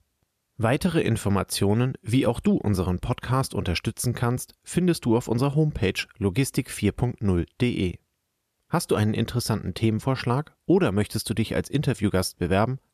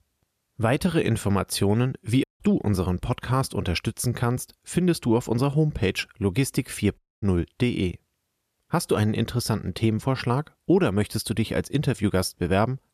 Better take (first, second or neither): first